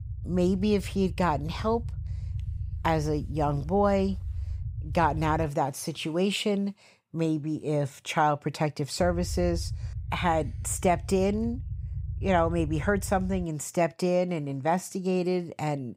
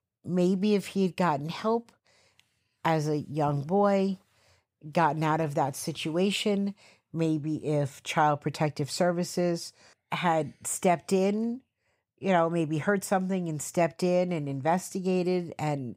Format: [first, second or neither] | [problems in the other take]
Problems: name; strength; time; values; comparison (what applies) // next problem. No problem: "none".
second | low rumble; faint; until 5.5 s and from 9 to 13 s; 25 dB below the speech